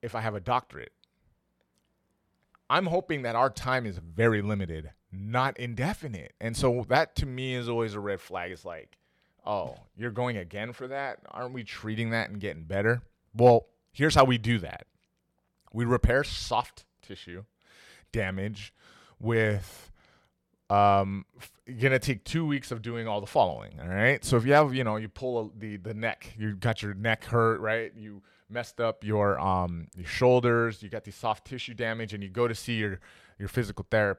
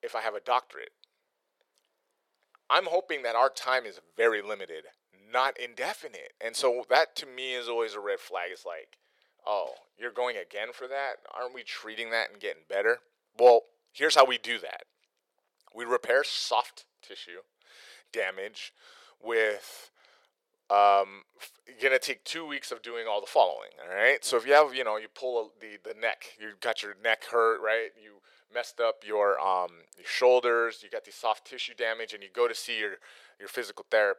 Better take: first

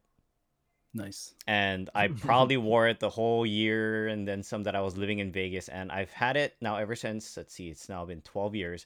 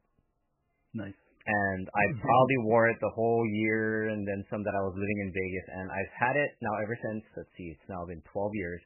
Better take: first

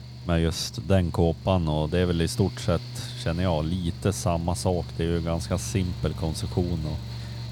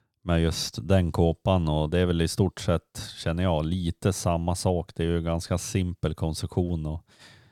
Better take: second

